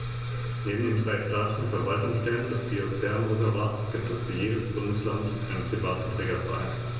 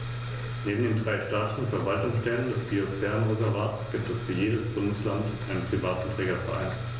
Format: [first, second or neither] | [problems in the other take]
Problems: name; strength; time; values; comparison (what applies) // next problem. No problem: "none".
second | room echo; dies away in 2.5 s